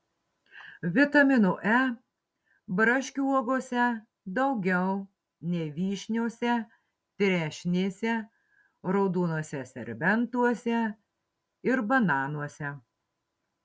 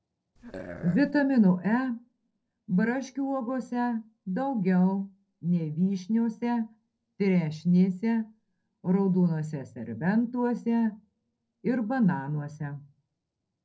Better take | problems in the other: first | noise reduction (neural separator model SepFormer DNS4)

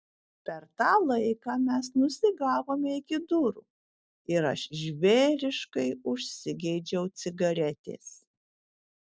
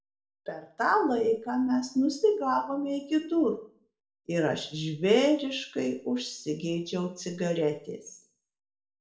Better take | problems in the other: first | room echo; dies away in 0.4 s

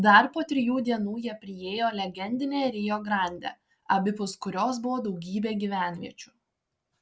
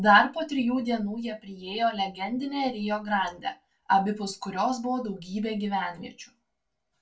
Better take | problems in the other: first | room echo; dies away in 0.2 s

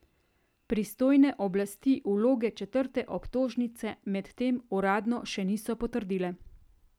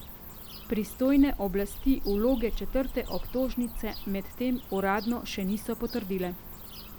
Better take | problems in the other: first | background sound (Cricket / Bird); 7 dB below the speech

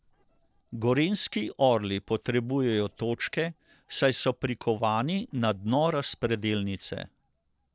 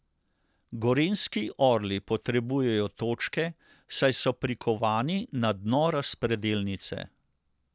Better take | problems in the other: second | noise reduction (neural separator model SepFormer DNS4)

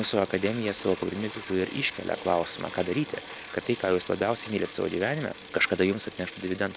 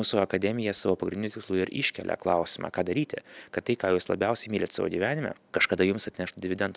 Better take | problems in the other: second | background sound (Bicycle); 14 dB below the speech

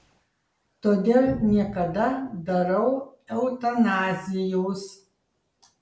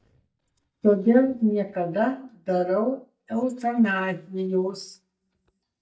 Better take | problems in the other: first | noise reduction (neural mask model DeepFilterNet 3)

